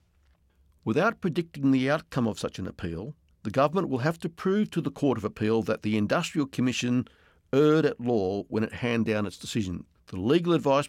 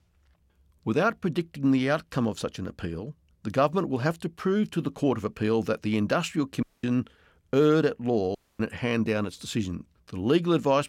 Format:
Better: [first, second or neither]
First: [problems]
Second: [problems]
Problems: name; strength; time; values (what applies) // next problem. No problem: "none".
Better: first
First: none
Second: audio cutting out; at 6.5 s and at 8.5 s